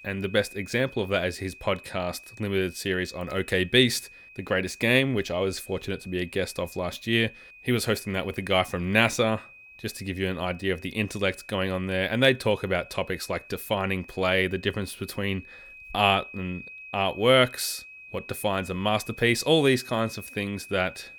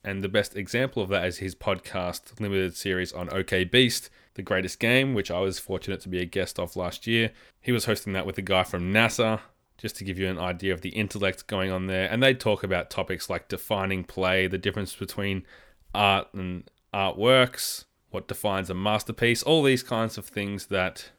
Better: second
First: high-pitched whine; noticeable; throughout; 2.5 kHz, 20 dB below the speech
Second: none

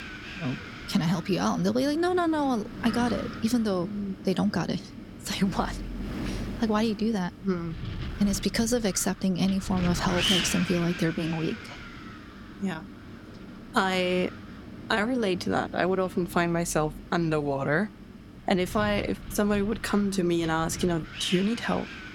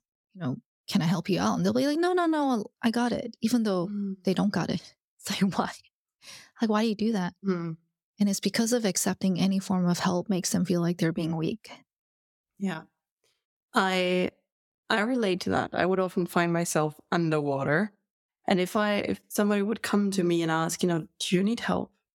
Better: second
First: wind noise on the microphone; heavy; 8 dB below the speech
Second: none

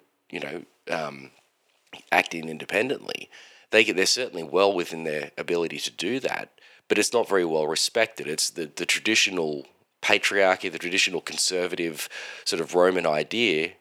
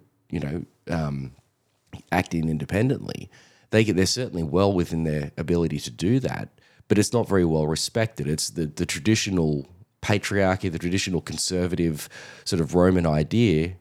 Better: second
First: thin; somewhat; fading below 500 Hz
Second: none

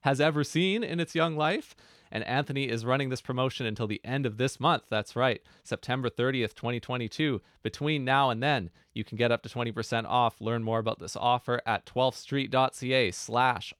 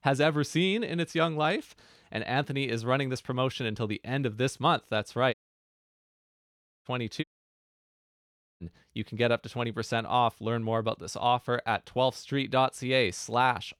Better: first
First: none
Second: audio cutting out; at 5.5 s for 1.5 s and at 7 s for 1.5 s

